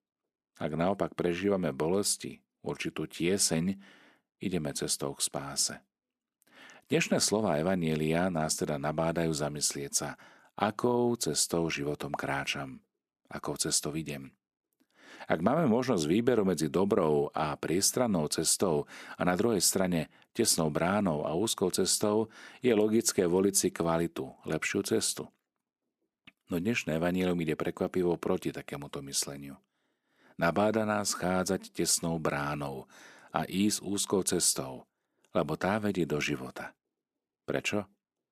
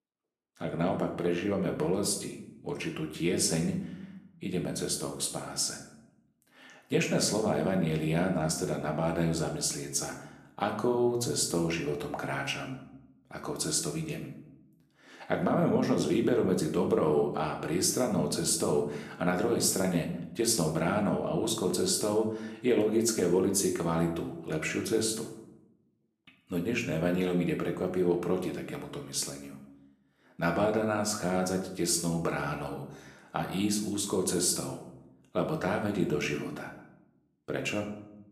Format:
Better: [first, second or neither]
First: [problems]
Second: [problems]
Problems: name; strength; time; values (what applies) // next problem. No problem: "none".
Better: first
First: none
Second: room echo; slight; dies away in 0.7 s // off-mic speech; somewhat distant